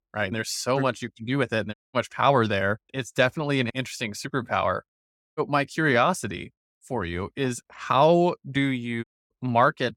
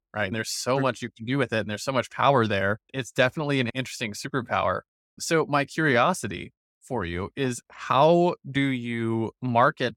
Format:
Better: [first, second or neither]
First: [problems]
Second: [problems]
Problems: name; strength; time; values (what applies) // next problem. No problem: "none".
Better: second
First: audio cutting out; at 1.5 s, at 5 s and at 9 s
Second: none